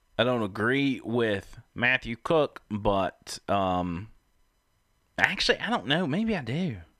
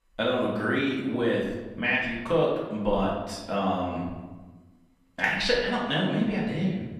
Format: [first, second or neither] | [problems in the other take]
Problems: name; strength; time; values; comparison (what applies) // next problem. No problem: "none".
first | room echo; noticeable; dies away in 1 s // off-mic speech; far